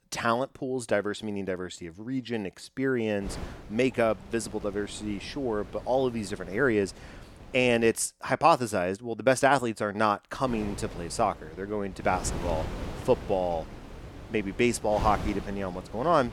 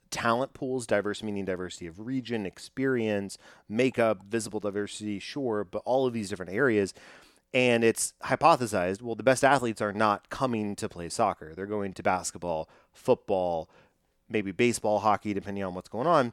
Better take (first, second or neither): second